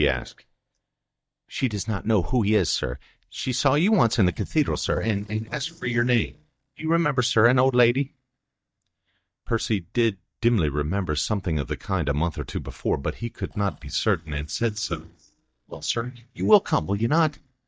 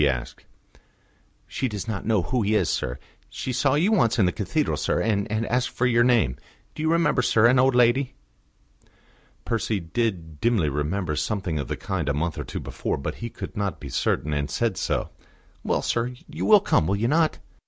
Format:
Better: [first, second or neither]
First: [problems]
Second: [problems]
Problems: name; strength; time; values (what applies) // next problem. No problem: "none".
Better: second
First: noise reduction (neural mask model DeepFilterNet 3)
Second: none